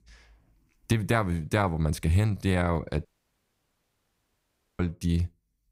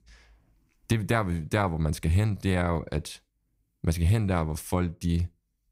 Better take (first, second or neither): second